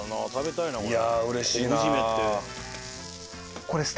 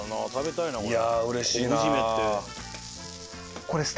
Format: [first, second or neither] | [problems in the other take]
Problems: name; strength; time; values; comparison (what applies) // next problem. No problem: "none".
second | background sound (Wind instrument, woodwind instrument); 20 dB below the speech